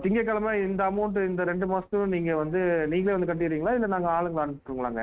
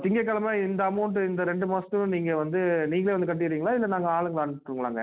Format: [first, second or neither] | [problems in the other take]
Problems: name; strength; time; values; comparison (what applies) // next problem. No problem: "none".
second | noise reduction (neural mask model RNNoise)